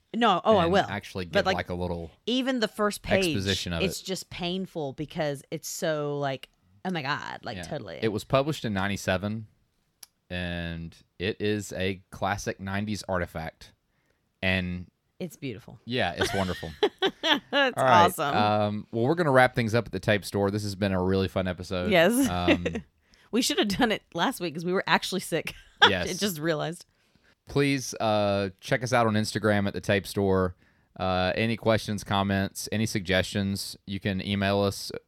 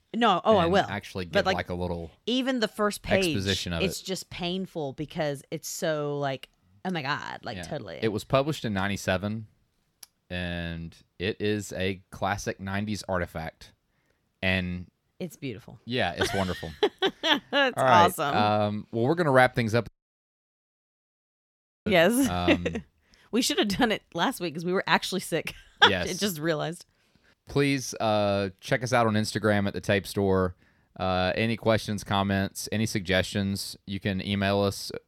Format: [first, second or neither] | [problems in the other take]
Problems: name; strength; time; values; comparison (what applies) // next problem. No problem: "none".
first | audio cutting out; at 20 s for 2 s